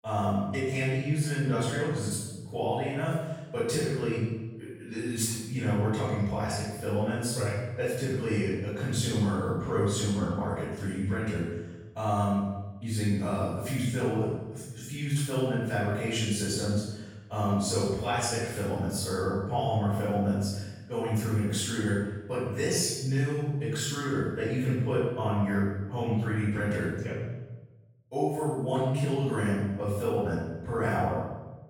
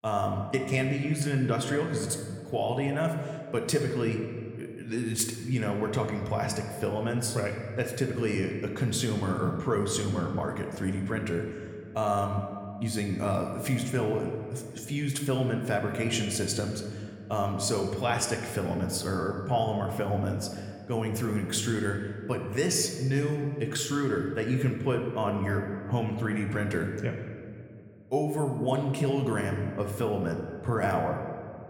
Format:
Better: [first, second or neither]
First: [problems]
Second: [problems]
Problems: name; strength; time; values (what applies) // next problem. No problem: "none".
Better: second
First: room echo; strong; dies away in 0.9 s // off-mic speech; far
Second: room echo; slight; dies away in 1.7 s